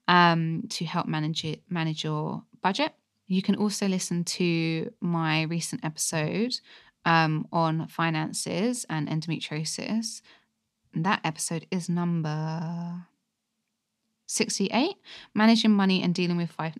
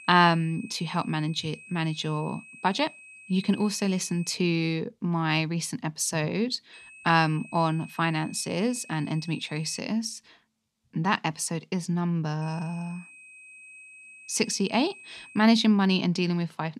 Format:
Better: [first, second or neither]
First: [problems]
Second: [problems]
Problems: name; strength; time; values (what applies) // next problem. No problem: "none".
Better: first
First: none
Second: high-pitched whine; noticeable; until 4.5 s, from 6.5 to 10 s and from 12 to 15 s; 2.5 kHz, 20 dB below the speech